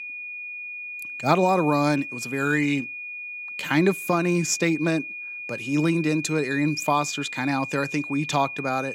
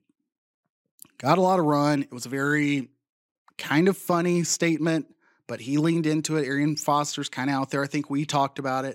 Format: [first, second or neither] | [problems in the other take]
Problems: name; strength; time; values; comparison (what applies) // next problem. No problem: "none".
second | high-pitched whine; loud; throughout; 2.5 kHz, 9 dB below the speech